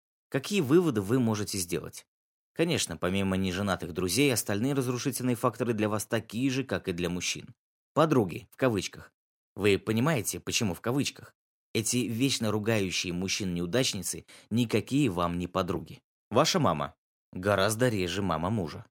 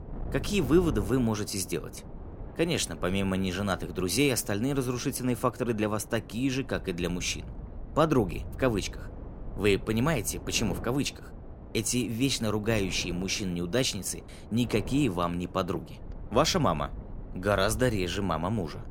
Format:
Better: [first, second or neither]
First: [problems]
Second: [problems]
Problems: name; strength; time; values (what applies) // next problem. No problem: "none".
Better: first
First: none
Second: wind noise on the microphone; occasional gusts; 20 dB below the speech